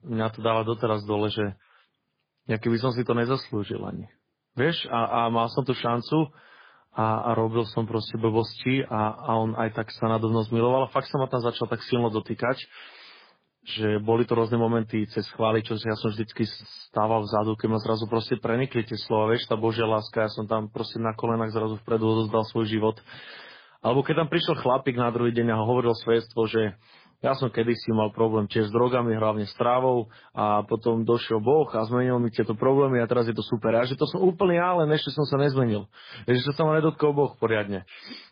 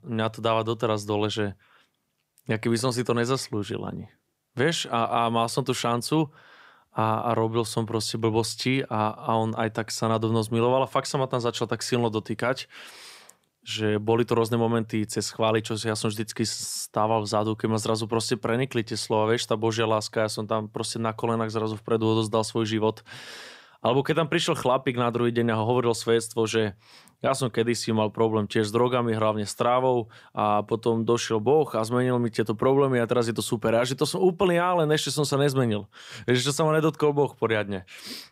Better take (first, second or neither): second